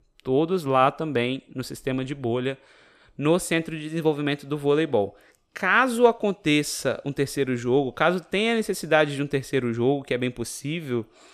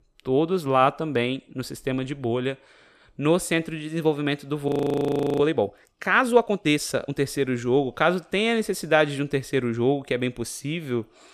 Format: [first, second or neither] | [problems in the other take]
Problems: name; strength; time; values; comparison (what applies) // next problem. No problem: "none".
first | audio freezing; at 4.5 s for 0.5 s